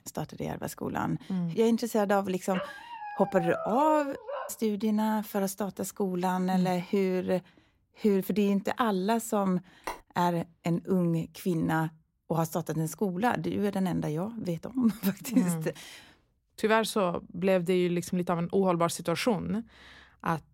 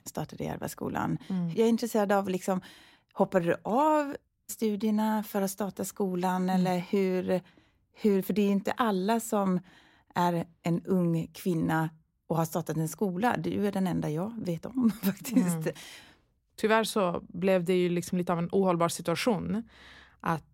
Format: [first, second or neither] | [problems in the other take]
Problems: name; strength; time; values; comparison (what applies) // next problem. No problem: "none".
second | dog barking; noticeable; from 2.5 to 4.5 s; peak 6 dB below the speech // phone ringing; faint; at 10 s; peak 10 dB below the speech